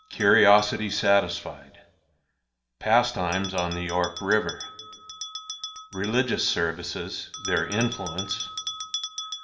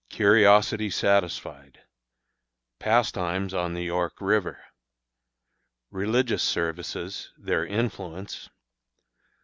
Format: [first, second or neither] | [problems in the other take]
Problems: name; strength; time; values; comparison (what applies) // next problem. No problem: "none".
second | background sound (Bell); 12 dB below the speech // room echo; dies away in 1.2 s